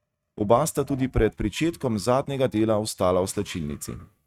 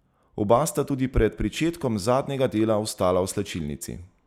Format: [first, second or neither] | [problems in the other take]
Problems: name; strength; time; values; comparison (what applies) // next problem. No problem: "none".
second | noise reduction (neural mask model RNNoise)